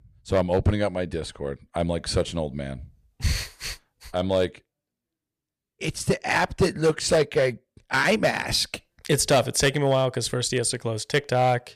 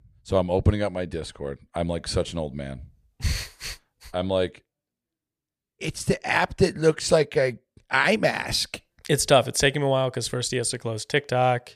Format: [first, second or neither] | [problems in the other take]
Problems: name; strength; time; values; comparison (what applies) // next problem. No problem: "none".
second | distortion; slight; 3% of the sound clipped